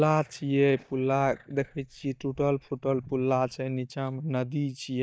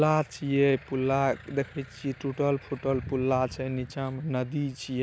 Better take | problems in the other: second | noise reduction (neural mask model DeepFilterNet 3)

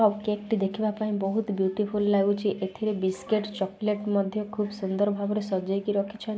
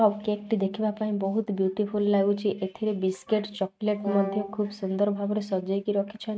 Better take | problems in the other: first | noise reduction (neural mask model RNNoise)

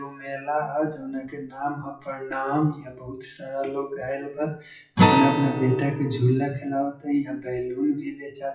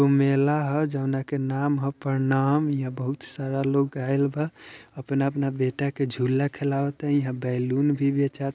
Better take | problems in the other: second | noise reduction (classical method WPE with log-MMSE)

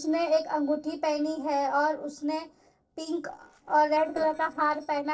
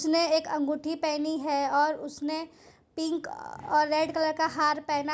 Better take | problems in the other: second | noise reduction (neural separator model SepFormer DNS4)

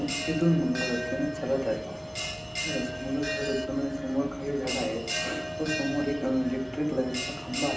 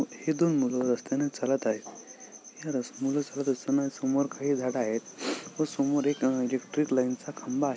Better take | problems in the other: second | background sound (Bell); 5 dB below the speech // room echo; dies away in 0.6 s

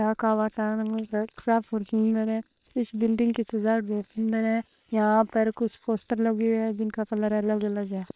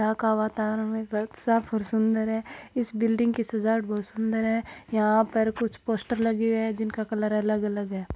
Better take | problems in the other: second | noise reduction (neural separator model SepFormer WHAM!)

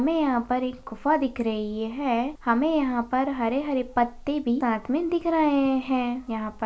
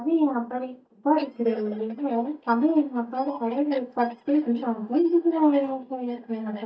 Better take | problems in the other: first | noise reduction (neural mask model DeepFilterNet 3)

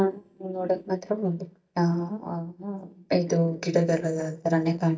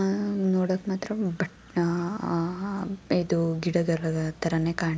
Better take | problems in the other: second | noise reduction (neural mask model DeepFilterNet 3)

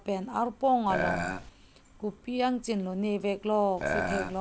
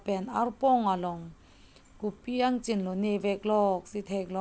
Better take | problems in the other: second | background sound (Burping, eructation); 1 dB below the speech

